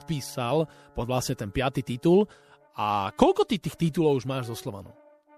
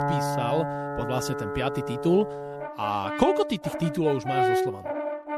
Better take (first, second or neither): first